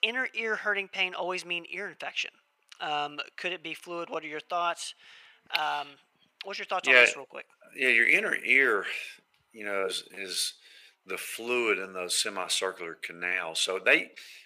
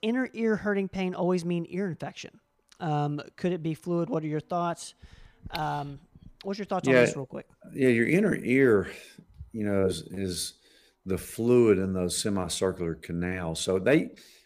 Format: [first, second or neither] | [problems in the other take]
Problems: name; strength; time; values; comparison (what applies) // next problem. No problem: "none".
second | thin; very; fading below 650 Hz